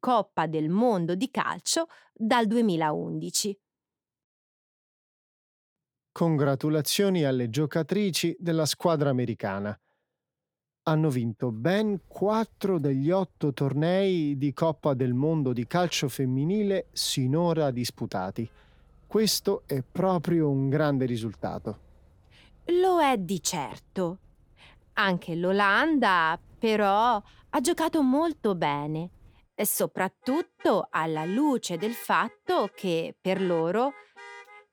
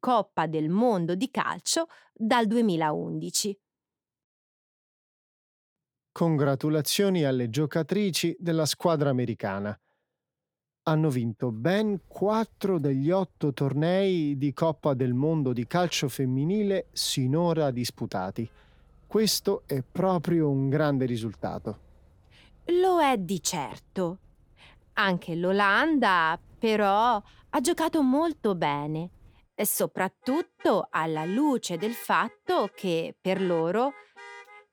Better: neither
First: traffic noise; faint; from 11 s on; 25 dB below the speech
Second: traffic noise; faint; from 11 s on; 25 dB below the speech

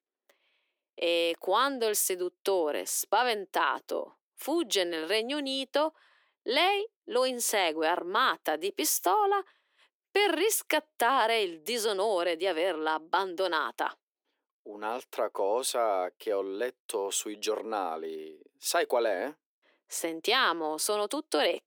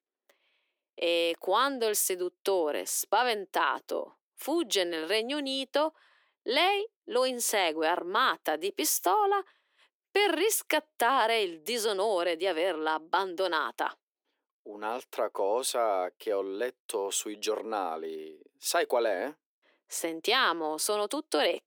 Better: neither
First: thin; somewhat; fading below 350 Hz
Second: thin; somewhat; fading below 350 Hz

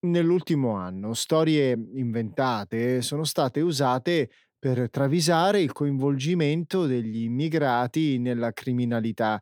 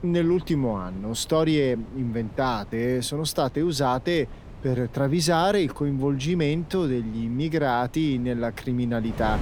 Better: first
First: none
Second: wind noise on the microphone; occasional gusts; 20 dB below the speech

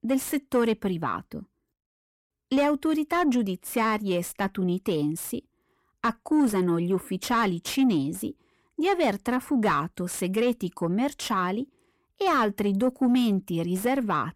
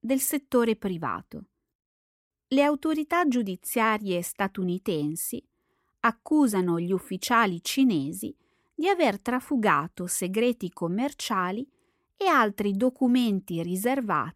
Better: second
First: distortion; slight; 10 dB below the speech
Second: none

